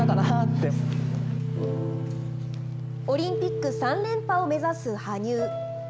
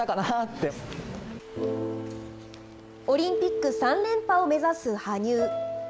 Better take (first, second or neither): second